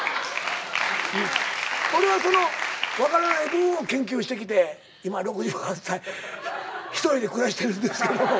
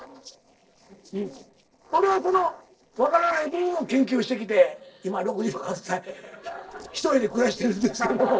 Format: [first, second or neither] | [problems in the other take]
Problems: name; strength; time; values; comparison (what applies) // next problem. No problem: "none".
first | noise reduction (neural separator model SepFormer DNS4)